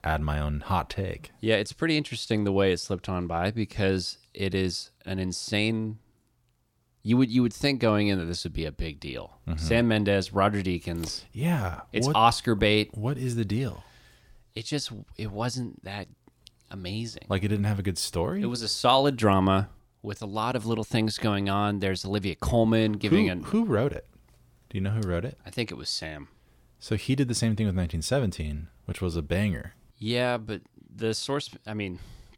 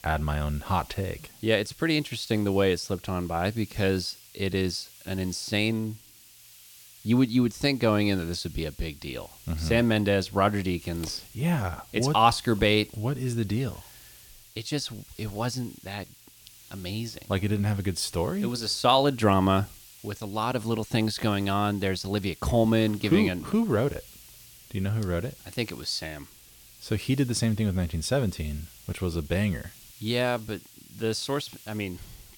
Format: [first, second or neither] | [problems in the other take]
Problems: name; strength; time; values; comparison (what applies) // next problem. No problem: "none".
first | hiss; faint; throughout; 20 dB below the speech